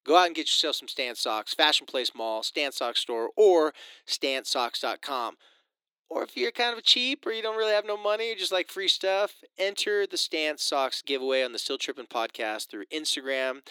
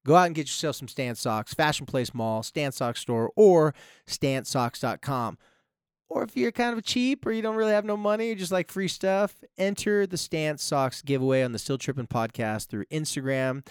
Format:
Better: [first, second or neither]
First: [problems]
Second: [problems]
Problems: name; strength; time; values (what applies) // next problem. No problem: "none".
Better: second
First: thin; somewhat; fading below 300 Hz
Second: none